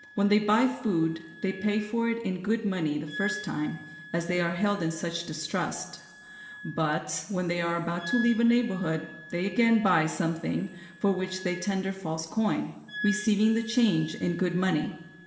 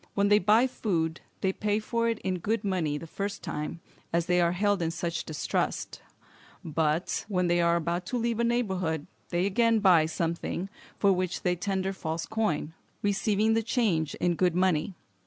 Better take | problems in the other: second | background sound (Wind instrument, woodwind instrument); 16 dB below the speech // room echo; dies away in 1.7 s

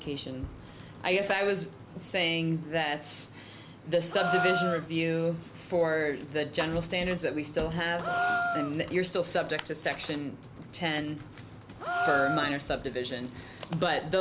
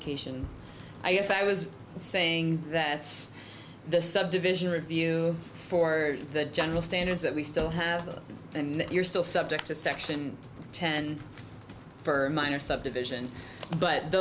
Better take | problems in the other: second | background sound (Gasp); 3 dB below the speech

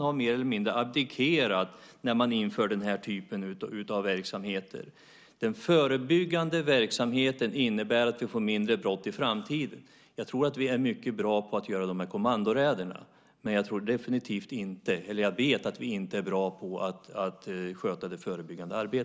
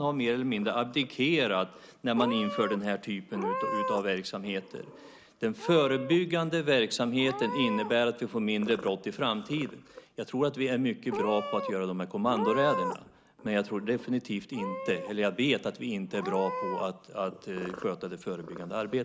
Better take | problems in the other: first | background sound (Meow / Purr); 9 dB below the speech

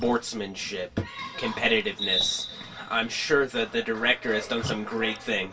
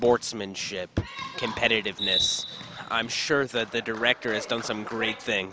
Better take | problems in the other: second | background sound (Splash, splatter); 19 dB below the speech // room echo; dies away in 0.2 s

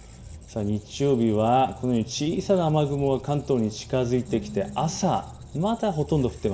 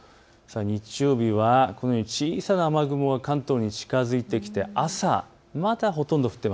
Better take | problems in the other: second | background sound (Squeak); 17 dB below the speech // room echo; dies away in 0.5 s

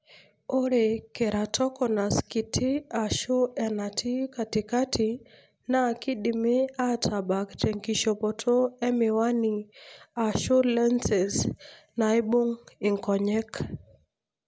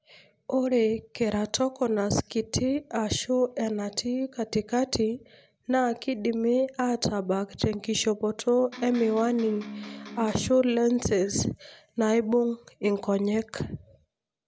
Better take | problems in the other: first | background sound (Electric guitar); 13 dB below the speech

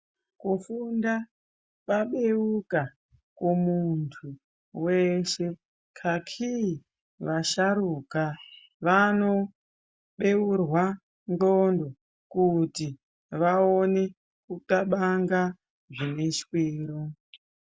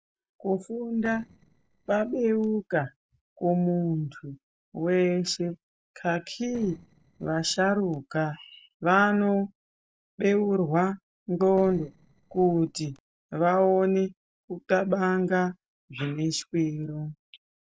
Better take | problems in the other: first | noise reduction (neural separator model SepFormer DNS4)

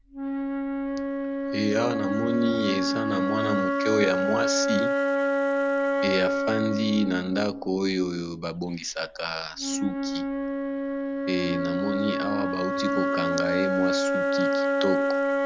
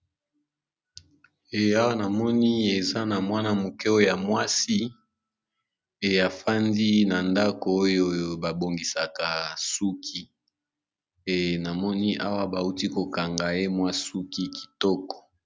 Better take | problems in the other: second | background sound (Wind instrument, woodwind instrument); 2 dB above the speech

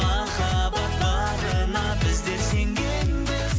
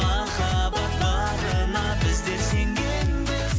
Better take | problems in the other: first | background sound (Bowed string instrument + Wind instrument, woodwind instrument); 19 dB below the speech

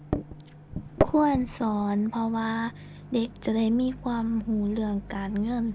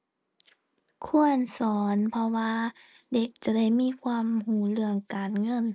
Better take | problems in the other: second | background sound (Microwave oven); 8 dB below the speech

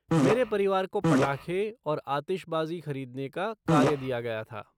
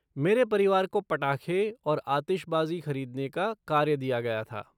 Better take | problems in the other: second | background sound (Fart); 3 dB above the speech

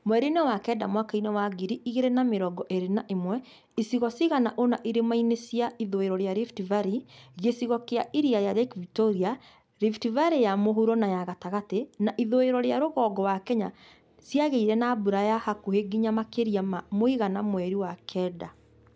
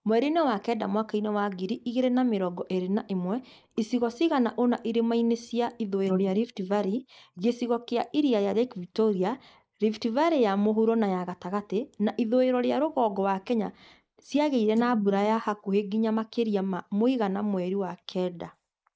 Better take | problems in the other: first | noise reduction (neural mask model Resemble Enhance denoiser)

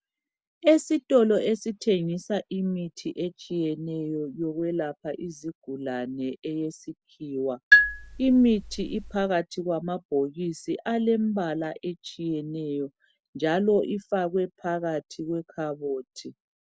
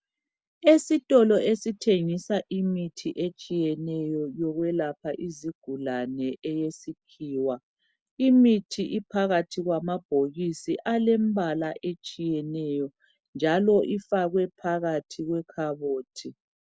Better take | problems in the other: second | background sound (Marimba, xylophone); 3 dB above the speech

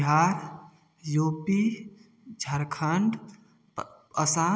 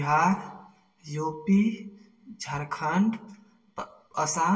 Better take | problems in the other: first | room echo; dies away in 0.1 s

